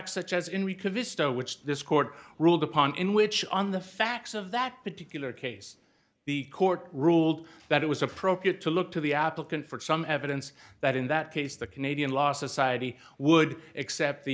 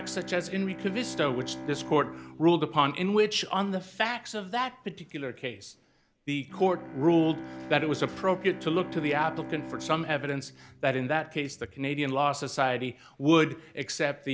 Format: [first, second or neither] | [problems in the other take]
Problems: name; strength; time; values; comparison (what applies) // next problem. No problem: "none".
first | background sound (Bowed string instrument); 15 dB below the speech